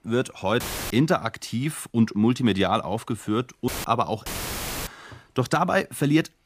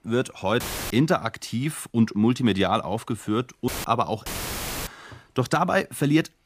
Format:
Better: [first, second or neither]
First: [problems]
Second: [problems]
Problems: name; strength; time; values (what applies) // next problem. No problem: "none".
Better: neither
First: audio cutting out; filled with static; at 0.5 s, at 3.5 s and at 4.5 s for 0.5 s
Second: audio cutting out; filled with static; at 0.5 s, at 3.5 s and at 4.5 s for 0.5 s